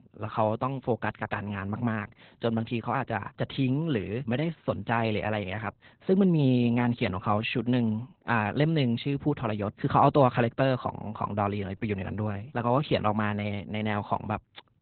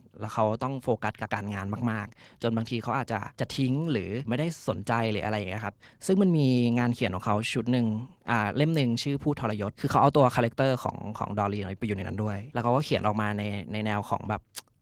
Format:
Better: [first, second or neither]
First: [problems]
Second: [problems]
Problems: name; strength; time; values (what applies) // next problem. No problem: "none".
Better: second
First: garbled, watery; badly; nothing above 4 kHz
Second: garbled, watery; slightly